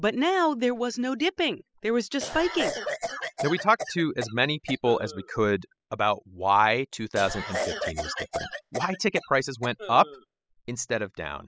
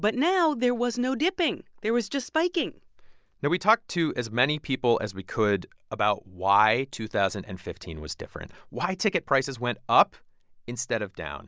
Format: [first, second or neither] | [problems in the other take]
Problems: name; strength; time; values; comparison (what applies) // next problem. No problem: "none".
second | noise reduction (classical method spectral subtraction)